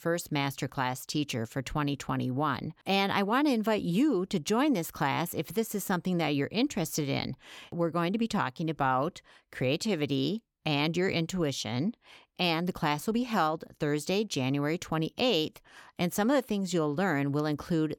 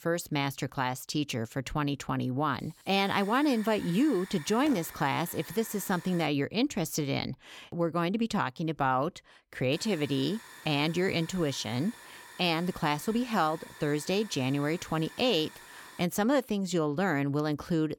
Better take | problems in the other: first | hiss; noticeable; from 2.5 to 6.5 s and from 9.5 to 16 s; 20 dB below the speech

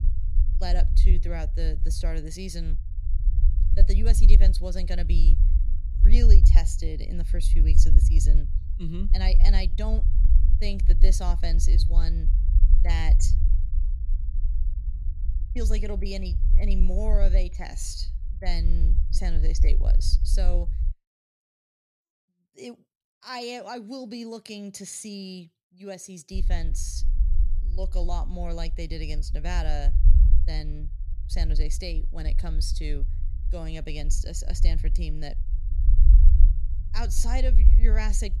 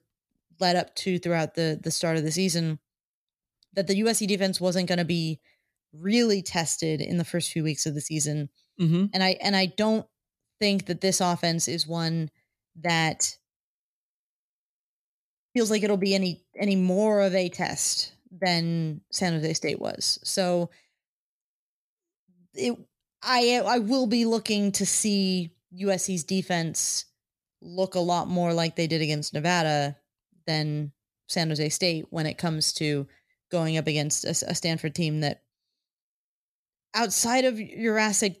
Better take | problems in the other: second | low rumble; loud; until 21 s and from 26 s on; 10 dB below the speech

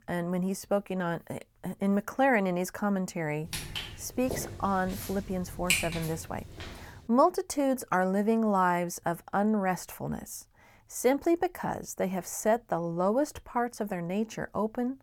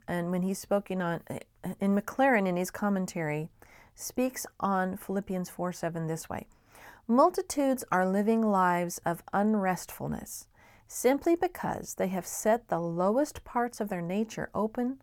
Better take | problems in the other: second | footsteps; loud; from 3.5 to 6.5 s; peak 2 dB above the speech

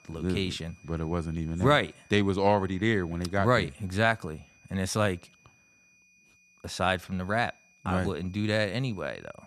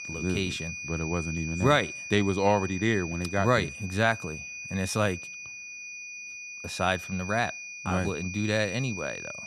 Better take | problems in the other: first | high-pitched whine; loud; throughout; 2.5 kHz, 9 dB below the speech; faint in the first

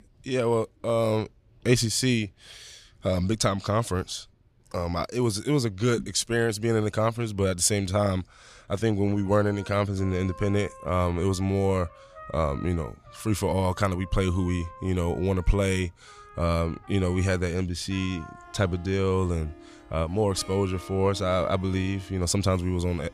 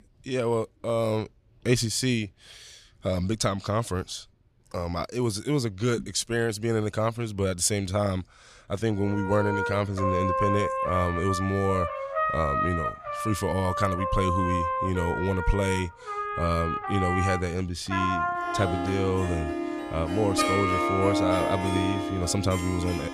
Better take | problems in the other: first | background music; loud; from 9 s on; 1 dB below the speech; faint in the first

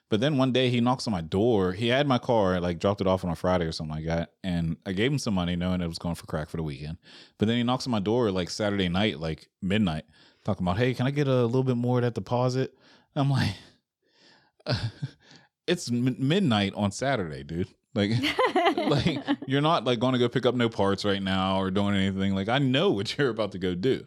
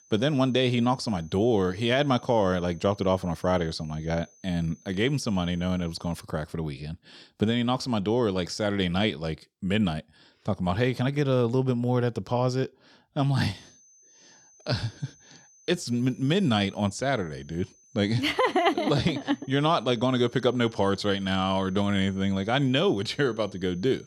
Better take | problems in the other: first | high-pitched whine; faint; until 6 s and from 14 s on; 6 kHz, 30 dB below the speech

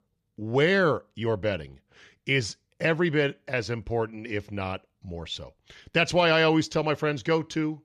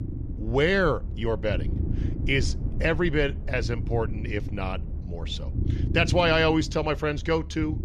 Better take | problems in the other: first | low rumble; noticeable; throughout; 15 dB below the speech

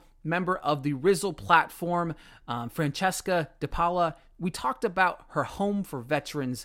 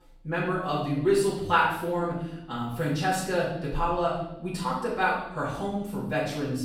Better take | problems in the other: first | off-mic speech; far // room echo; noticeable; dies away in 0.8 s

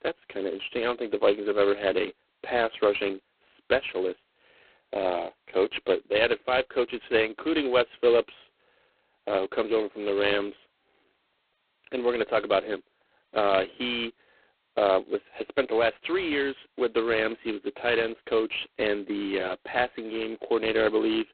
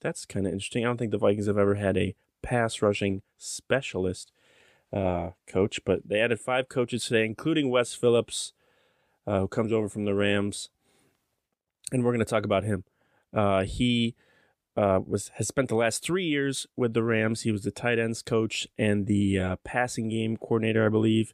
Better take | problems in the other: second | phone-call audio; poor line; nothing above 4 kHz

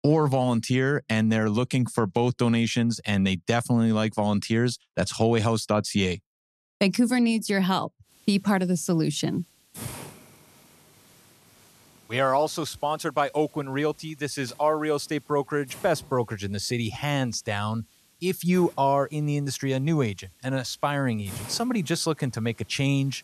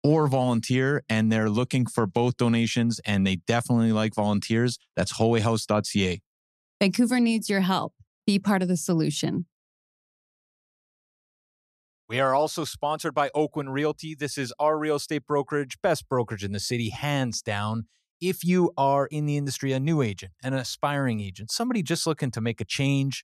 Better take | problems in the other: second | hiss; faint; from 8 s on; 20 dB below the speech

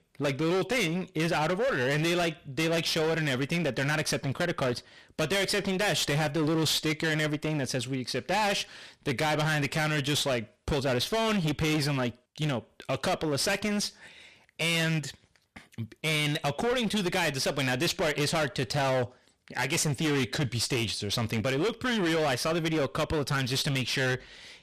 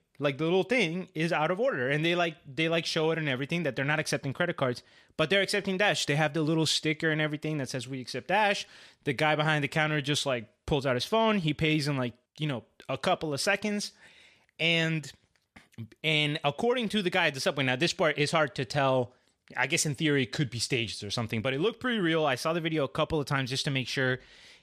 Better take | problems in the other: second | distortion; heavy; 25% of the sound clipped

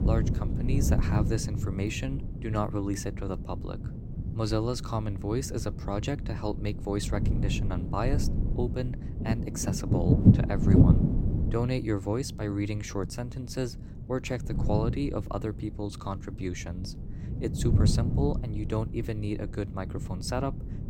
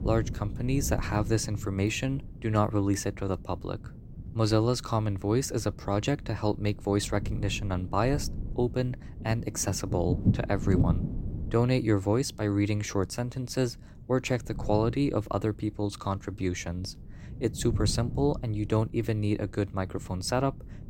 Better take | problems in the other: second | wind noise on the microphone; heavy; 3 dB below the speech; occasional gusts in the second

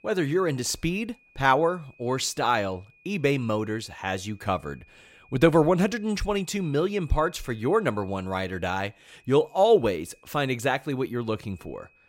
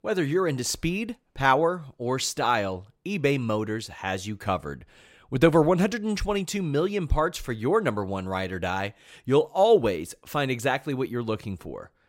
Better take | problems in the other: second | high-pitched whine; faint; throughout; 2.5 kHz, 30 dB below the speech

